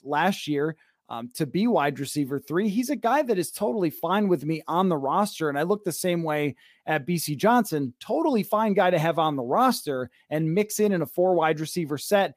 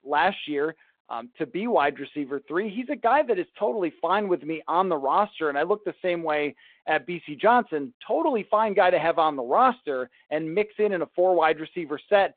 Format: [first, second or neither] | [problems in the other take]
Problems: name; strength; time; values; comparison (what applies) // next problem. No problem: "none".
first | phone-call audio; nothing above 3.5 kHz